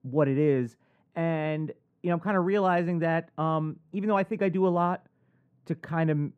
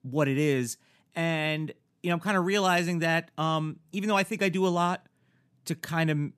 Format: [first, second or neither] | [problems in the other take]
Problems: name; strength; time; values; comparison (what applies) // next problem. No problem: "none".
second | muffled; very; fading above 3 kHz